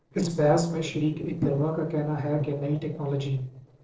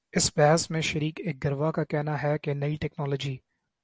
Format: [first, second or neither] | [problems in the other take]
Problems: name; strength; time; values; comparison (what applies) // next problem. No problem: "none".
second | noise reduction (neural separator model SepFormer DNS4)